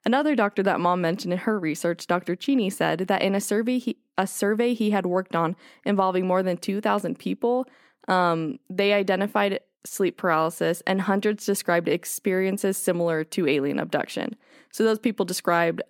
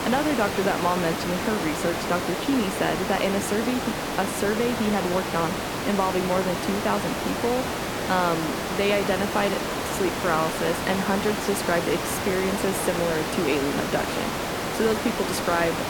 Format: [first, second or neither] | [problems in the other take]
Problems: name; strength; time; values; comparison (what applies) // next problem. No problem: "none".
first | hiss; loud; throughout; 1 dB below the speech